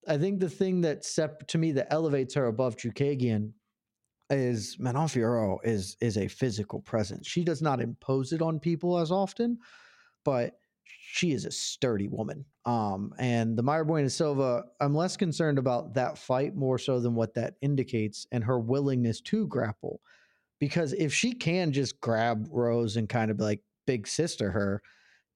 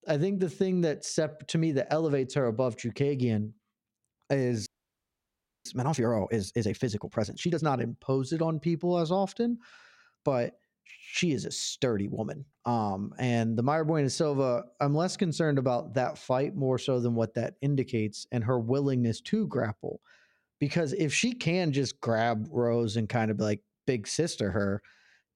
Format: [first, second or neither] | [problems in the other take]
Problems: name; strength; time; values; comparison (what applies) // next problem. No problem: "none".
first | audio freezing; at 4.5 s for 1 s